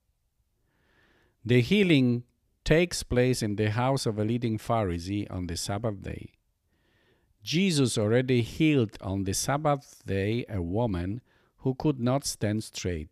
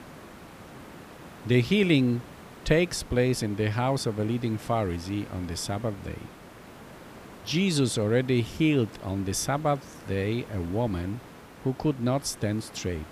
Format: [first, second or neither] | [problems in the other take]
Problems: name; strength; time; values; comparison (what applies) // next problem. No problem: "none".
first | hiss; noticeable; throughout; 20 dB below the speech